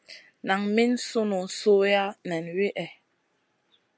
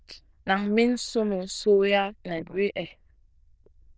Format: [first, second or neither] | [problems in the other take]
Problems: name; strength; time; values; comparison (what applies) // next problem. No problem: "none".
first | noise reduction (neural diffusion model UNIVERSE++)